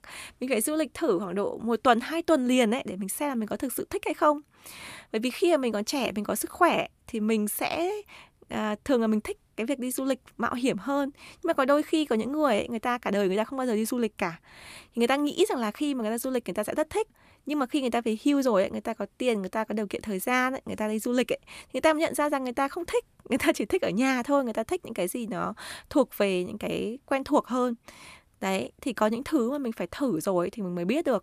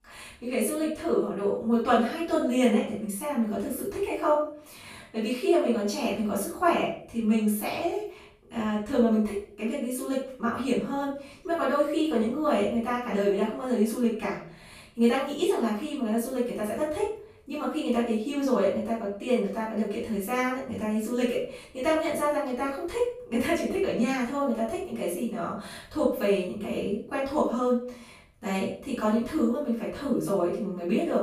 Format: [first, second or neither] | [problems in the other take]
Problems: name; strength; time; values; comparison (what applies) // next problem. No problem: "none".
first | off-mic speech; far // room echo; noticeable; dies away in 0.5 s